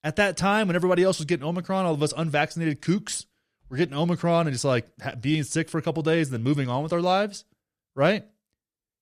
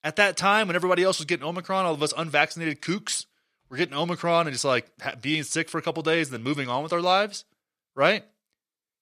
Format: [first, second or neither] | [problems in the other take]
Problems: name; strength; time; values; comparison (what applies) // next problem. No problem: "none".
first | thin; very slightly; fading below 850 Hz